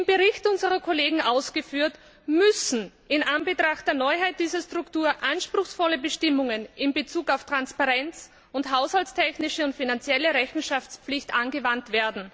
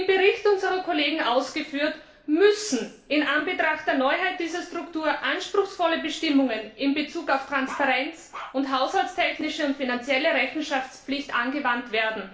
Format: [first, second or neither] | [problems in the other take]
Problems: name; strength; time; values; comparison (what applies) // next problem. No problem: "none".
first | background sound (Bark); 14 dB below the speech // room echo; dies away in 0.4 s